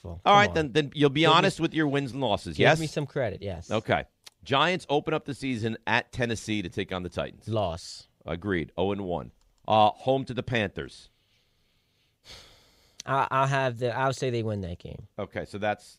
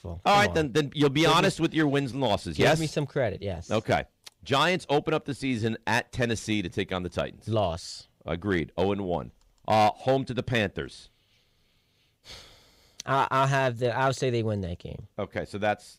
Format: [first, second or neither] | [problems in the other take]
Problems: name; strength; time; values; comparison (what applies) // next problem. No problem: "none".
first | distortion; slight; 3% of the sound clipped